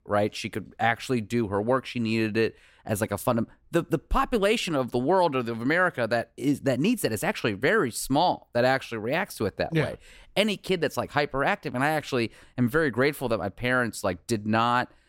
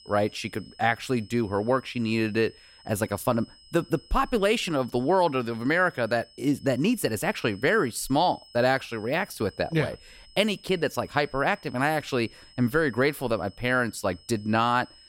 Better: first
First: none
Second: high-pitched whine; faint; throughout; 5 kHz, 25 dB below the speech

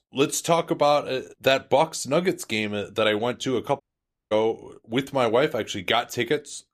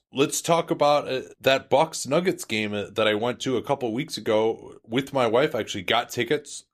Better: second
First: audio cutting out; at 4 s for 0.5 s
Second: none

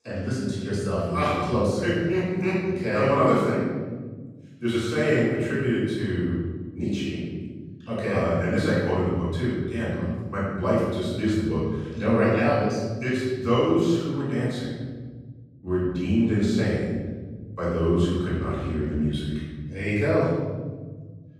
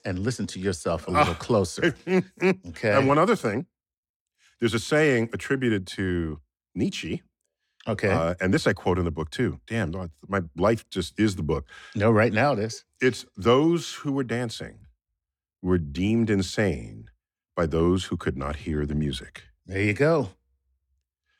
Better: second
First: off-mic speech; far // room echo; strong; dies away in 1.9 s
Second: none

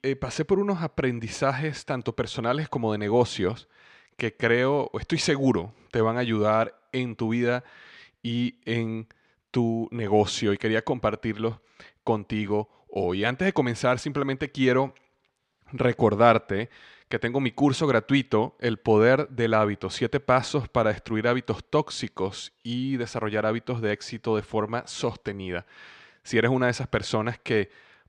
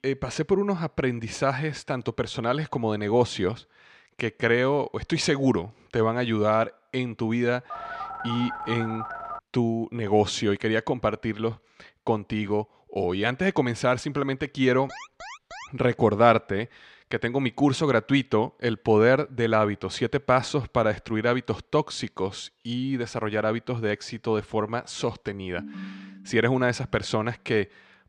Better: first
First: none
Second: phone ringing; noticeable; from 7.5 to 9.5 s; peak 8 dB below the speech // alarm; faint; at 15 s; peak 15 dB below the speech // phone ringing; faint; from 26 to 27 s; peak 15 dB below the speech

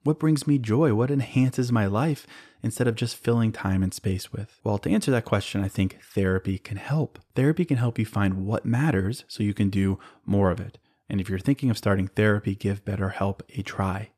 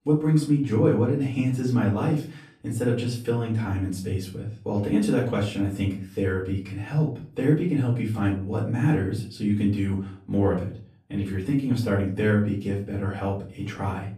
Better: first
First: none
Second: off-mic speech; far // room echo; slight; dies away in 0.4 s

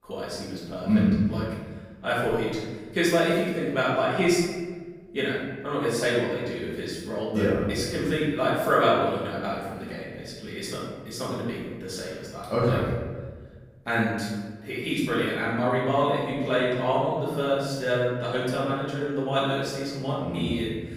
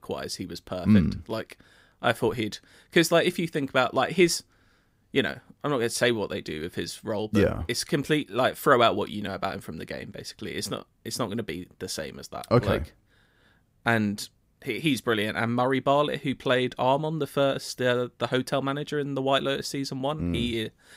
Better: second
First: off-mic speech; far // room echo; strong; dies away in 1.3 s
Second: none

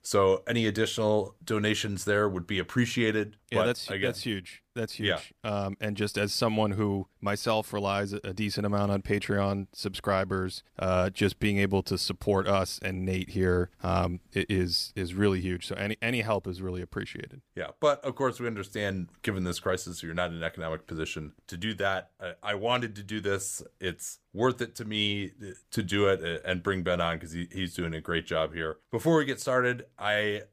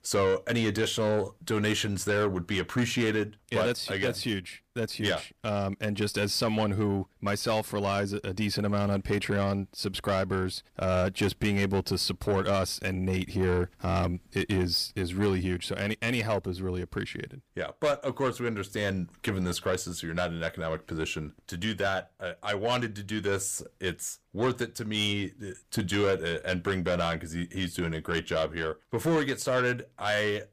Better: first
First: none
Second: distortion; slight; 10 dB below the speech

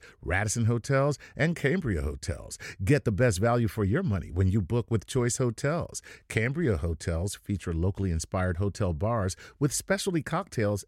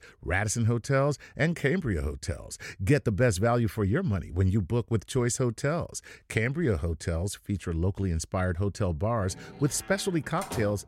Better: first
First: none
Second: door banging; noticeable; from 9 s on; peak 9 dB below the speech

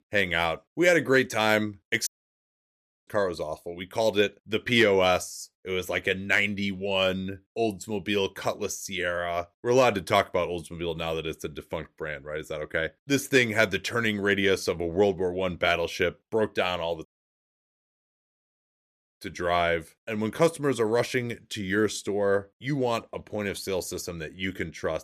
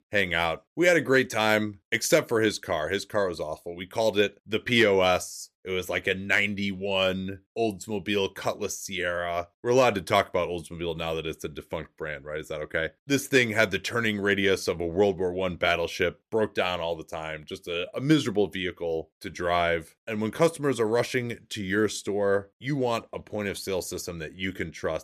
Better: second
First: audio cutting out; at 2 s for 1 s and at 17 s for 2 s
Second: none

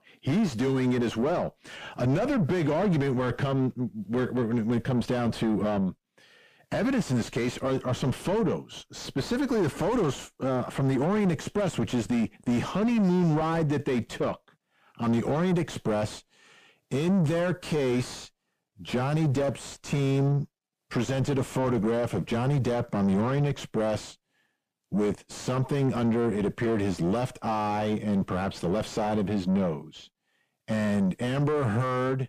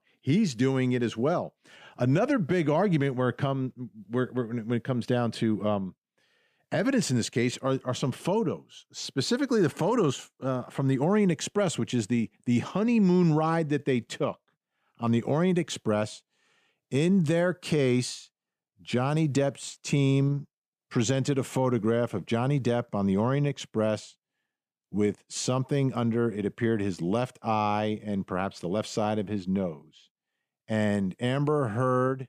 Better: second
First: distortion; heavy; 6 dB below the speech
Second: none

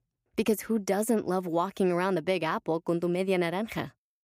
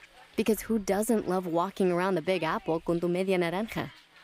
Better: first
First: none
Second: hiss; faint; throughout; 25 dB below the speech

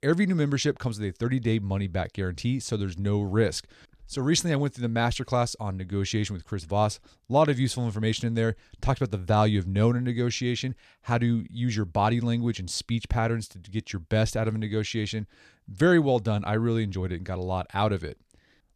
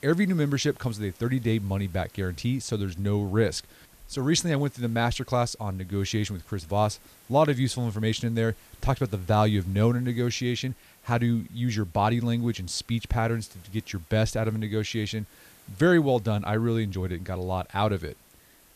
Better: first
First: none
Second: hiss; faint; throughout; 25 dB below the speech

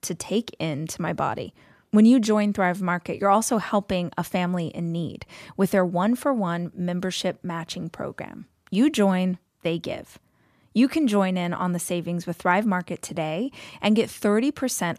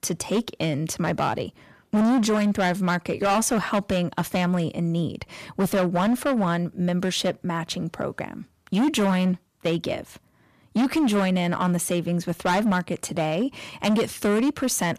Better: first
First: none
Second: distortion; heavy; 12% of the sound clipped

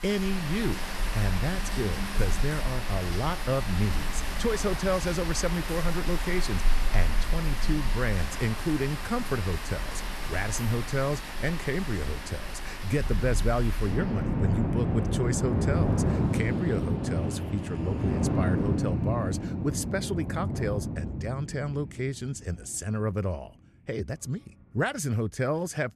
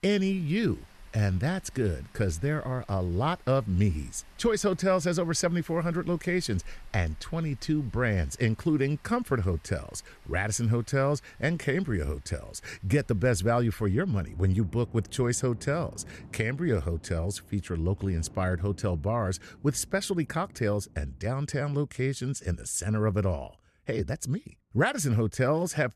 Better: second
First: rain or running water; loud; throughout; 1 dB below the speech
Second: rain or running water; faint; throughout; 25 dB below the speech

